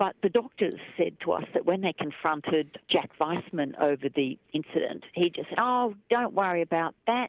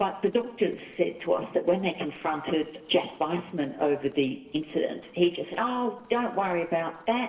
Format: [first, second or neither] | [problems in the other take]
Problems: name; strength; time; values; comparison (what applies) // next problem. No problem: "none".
first | noise reduction (neural separator model SepFormer DNS4)